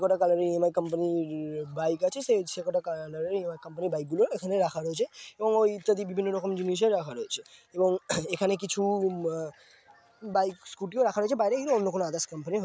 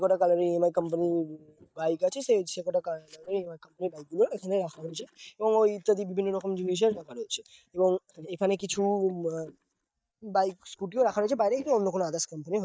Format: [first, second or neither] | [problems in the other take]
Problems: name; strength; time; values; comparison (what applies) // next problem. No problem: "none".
first | noise reduction (neural mask model DeepFilterNet 3)